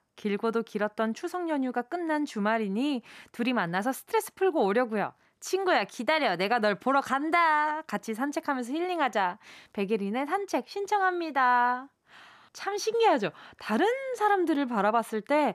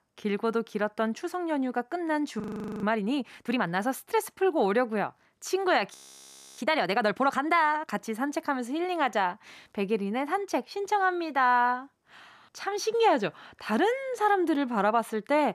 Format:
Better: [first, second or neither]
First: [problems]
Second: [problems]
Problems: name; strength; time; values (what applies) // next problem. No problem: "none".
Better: first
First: none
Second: audio freezing; at 2.5 s and at 6 s for 0.5 s